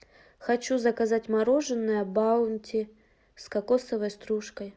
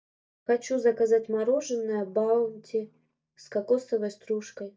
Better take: first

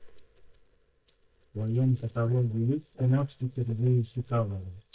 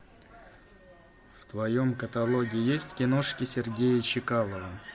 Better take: second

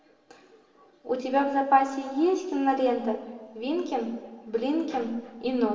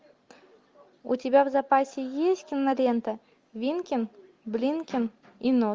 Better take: second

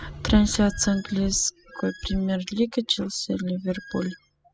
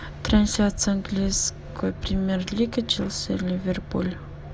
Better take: second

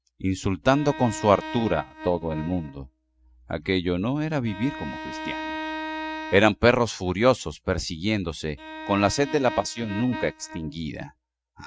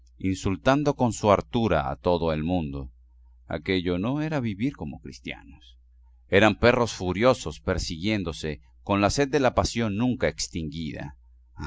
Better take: second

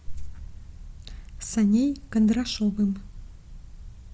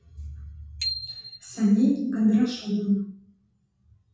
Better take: first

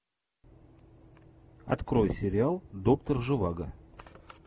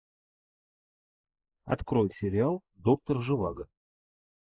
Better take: first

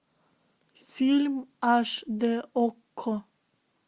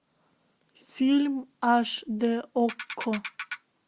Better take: first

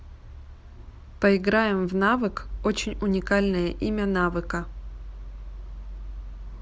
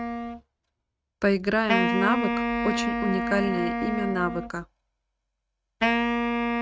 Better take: first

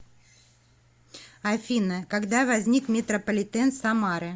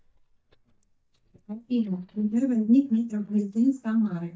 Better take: first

